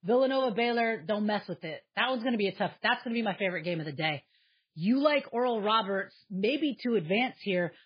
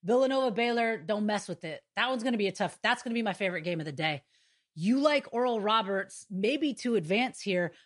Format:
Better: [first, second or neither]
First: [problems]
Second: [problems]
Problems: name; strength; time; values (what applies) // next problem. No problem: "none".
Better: second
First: garbled, watery; badly; nothing above 4.5 kHz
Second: garbled, watery; slightly; nothing above 10.5 kHz